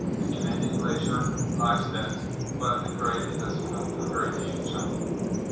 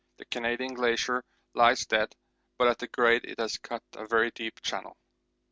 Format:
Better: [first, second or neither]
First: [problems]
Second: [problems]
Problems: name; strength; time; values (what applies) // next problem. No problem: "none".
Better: second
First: background sound (Bird vocalization, bird call, bird song); 5 dB above the speech // room echo; dies away in 0.7 s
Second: none